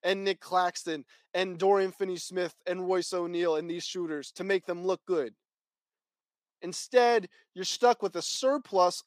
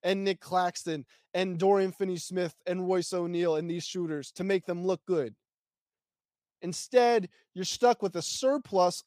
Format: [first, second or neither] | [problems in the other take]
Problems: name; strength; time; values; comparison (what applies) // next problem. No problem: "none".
second | thin; very slightly; fading below 300 Hz